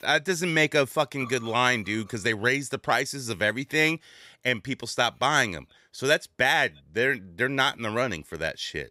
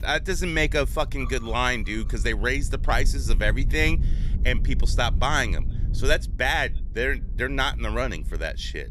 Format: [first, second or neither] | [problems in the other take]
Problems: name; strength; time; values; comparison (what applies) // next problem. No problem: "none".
first | low rumble; faint; throughout; 20 dB below the speech